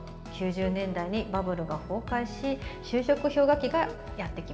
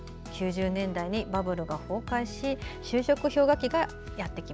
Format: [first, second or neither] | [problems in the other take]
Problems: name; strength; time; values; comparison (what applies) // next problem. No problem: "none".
second | background sound (Wind instrument, woodwind instrument); 18 dB below the speech // room echo; dies away in 2.9 s